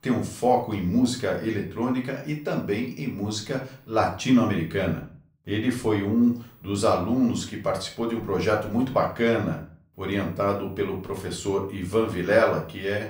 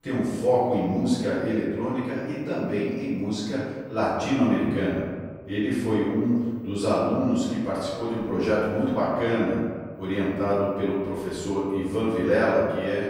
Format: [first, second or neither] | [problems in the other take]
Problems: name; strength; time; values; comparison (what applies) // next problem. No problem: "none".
first | room echo; strong; dies away in 1.5 s; slight in the first // off-mic speech; far; far in the first